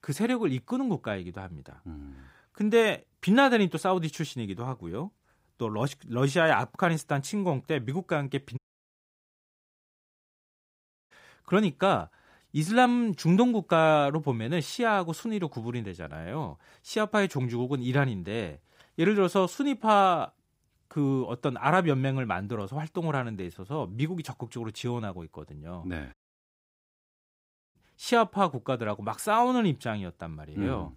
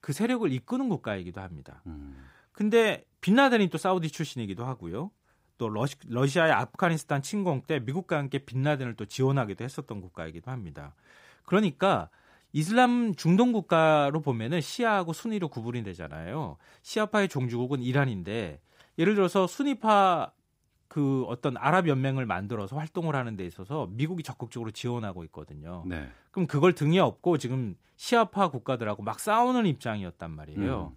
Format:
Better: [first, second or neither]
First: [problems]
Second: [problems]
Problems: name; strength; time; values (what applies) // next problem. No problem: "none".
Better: second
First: audio cutting out; at 8.5 s for 2.5 s and at 26 s for 1.5 s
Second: none